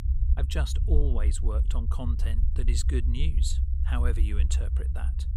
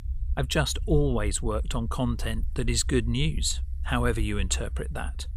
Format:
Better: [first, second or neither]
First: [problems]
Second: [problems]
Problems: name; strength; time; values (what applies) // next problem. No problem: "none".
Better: second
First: low rumble; loud; throughout; 7 dB below the speech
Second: low rumble; faint; throughout; 25 dB below the speech